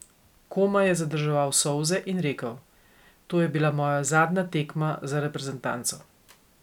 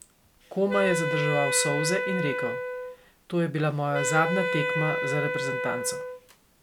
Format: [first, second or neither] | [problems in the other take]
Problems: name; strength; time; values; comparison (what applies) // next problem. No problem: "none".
first | background sound (Wind instrument, woodwind instrument); 1 dB below the speech